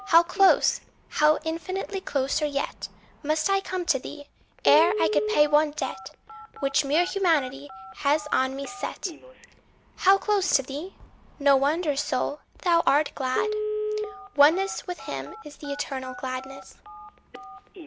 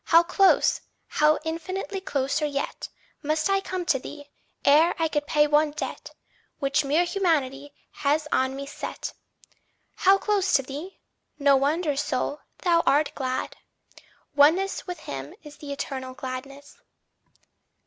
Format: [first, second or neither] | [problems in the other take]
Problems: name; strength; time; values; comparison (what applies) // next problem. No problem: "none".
second | background sound (Telephone); 10 dB below the speech